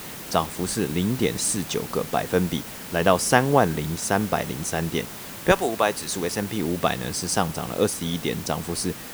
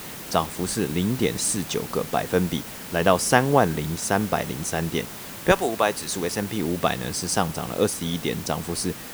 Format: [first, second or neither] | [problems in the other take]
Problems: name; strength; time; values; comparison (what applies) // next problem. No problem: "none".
neither | hiss; noticeable; throughout; 10 dB below the speech; the same in both